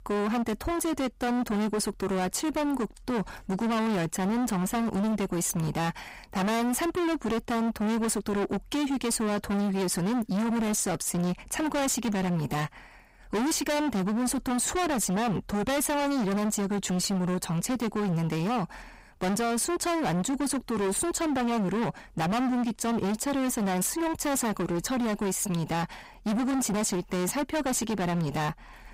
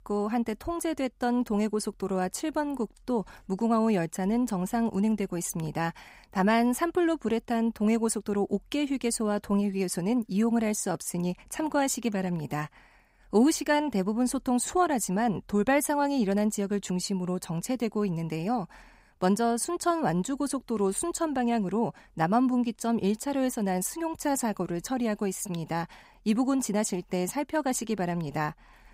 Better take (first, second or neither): second